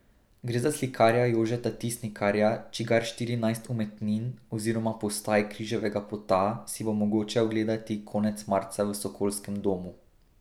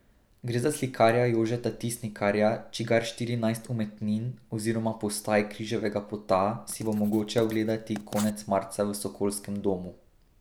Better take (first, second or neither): first